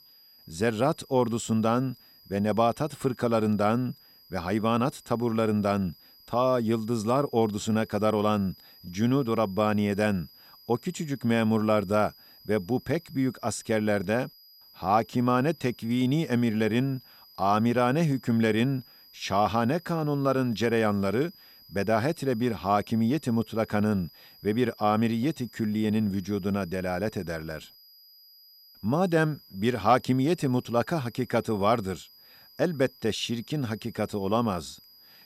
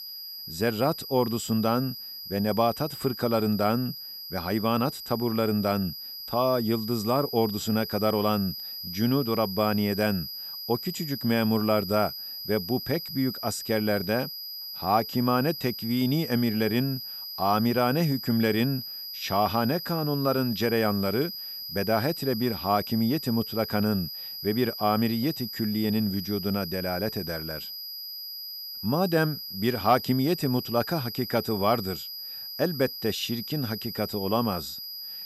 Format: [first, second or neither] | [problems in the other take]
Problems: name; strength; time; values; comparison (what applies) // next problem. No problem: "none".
first | high-pitched whine; loud; throughout; 5 kHz, 8 dB below the speech; faint in the first